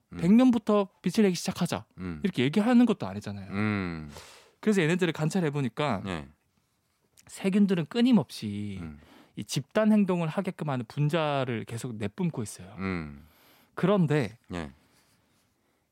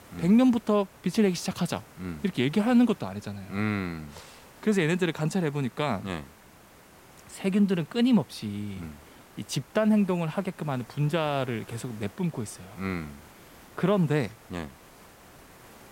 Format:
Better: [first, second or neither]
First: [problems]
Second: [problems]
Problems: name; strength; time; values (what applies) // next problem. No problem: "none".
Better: first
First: none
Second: hiss; faint; throughout; 25 dB below the speech